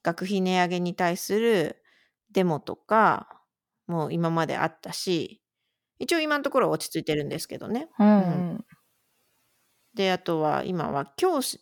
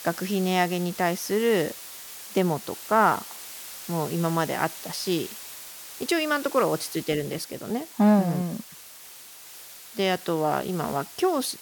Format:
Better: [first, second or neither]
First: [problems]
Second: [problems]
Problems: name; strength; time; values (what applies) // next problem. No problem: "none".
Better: first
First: none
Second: hiss; noticeable; throughout; 15 dB below the speech